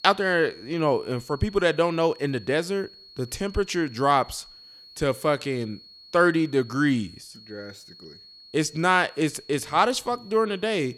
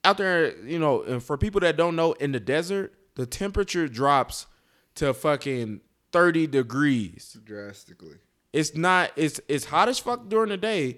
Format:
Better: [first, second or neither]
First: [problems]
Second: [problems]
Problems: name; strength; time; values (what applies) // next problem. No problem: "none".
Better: second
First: high-pitched whine; faint; throughout; 4.5 kHz, 20 dB below the speech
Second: none